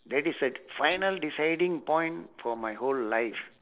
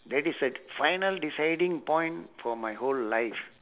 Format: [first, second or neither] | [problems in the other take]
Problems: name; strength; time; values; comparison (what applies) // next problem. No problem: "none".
second | noise reduction (neural separator model SepFormer DNS4)